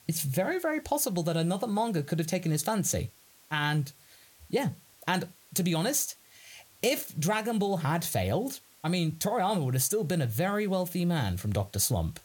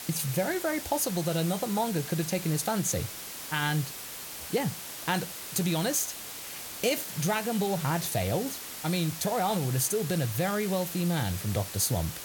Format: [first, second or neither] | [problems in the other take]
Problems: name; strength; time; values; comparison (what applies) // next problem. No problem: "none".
first | hiss; loud; throughout; 8 dB below the speech; faint in the first